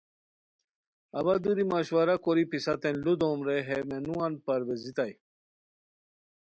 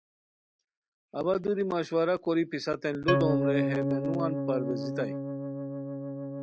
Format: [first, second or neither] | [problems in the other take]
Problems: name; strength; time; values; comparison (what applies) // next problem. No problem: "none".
first | background sound (Organ); 2 dB above the speech